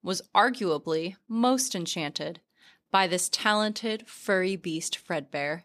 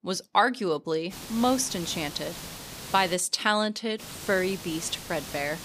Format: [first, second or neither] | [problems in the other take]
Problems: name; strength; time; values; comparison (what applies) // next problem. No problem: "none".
first | hiss; noticeable; from 1 to 3 s and from 4 s on; 10 dB below the speech